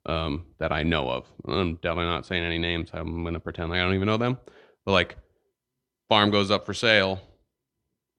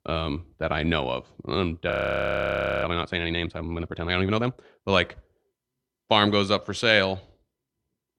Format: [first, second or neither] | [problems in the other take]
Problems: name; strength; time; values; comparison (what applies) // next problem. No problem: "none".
first | audio freezing; at 2 s for 1 s